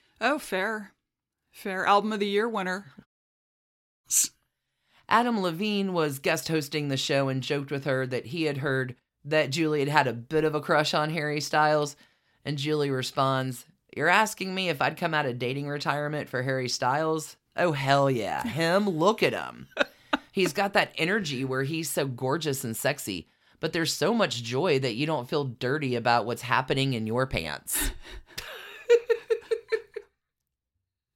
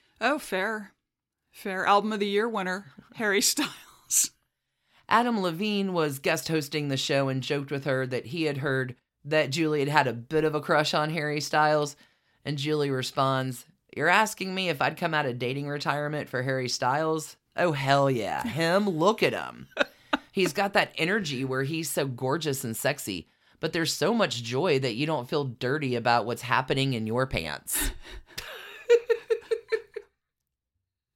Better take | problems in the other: second | audio cutting out; at 3 s for 1 s

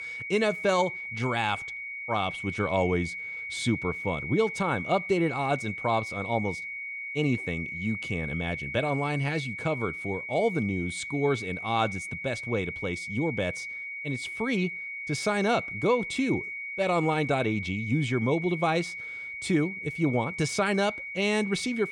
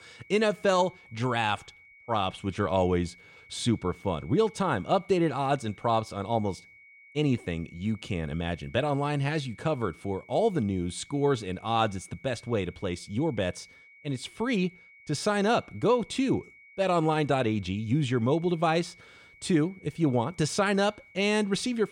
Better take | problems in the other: second | high-pitched whine; loud; throughout; 2 kHz, 6 dB below the speech; faint in the second

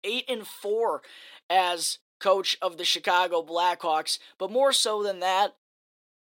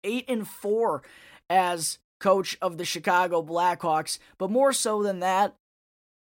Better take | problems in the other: second | thin; somewhat; fading below 400 Hz

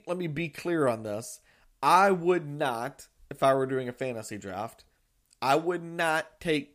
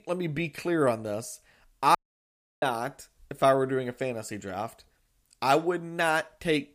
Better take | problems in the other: first | audio cutting out; at 2 s for 0.5 s

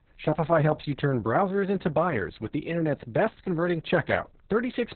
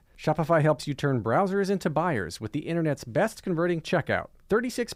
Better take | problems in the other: second | garbled, watery; badly; nothing above 4 kHz

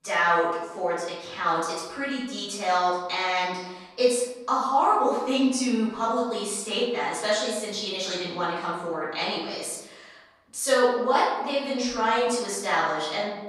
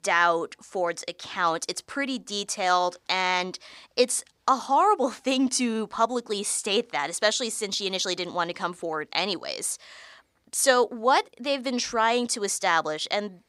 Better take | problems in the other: second | off-mic speech; far // room echo; noticeable; dies away in 0.9 s

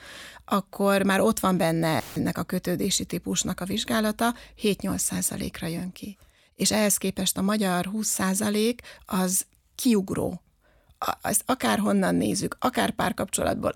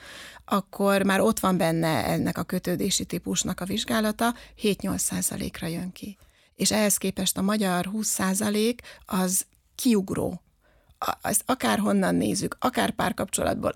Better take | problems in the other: second | audio cutting out; filled with static; at 2 s

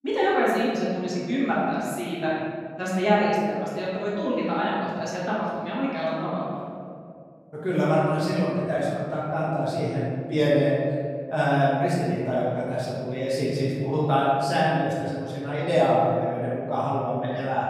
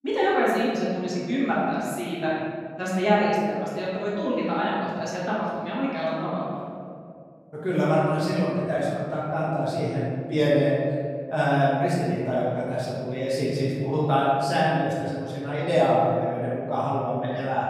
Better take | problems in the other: neither | room echo; strong; dies away in 2.3 s; the same in both // off-mic speech; far; the same in both

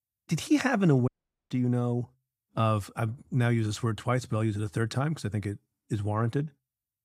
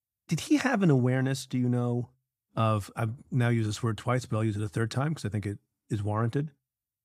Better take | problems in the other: second | audio cutting out; at 1 s

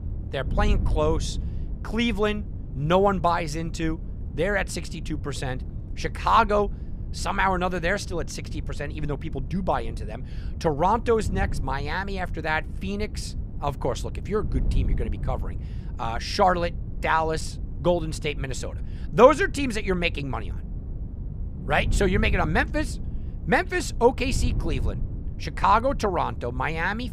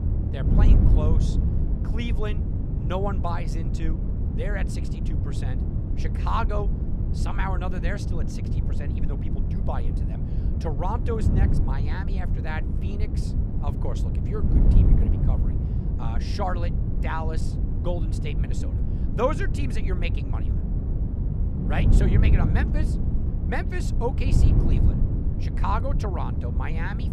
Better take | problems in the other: first | wind noise on the microphone; heavy; 5 dB below the speech; occasional gusts in the first

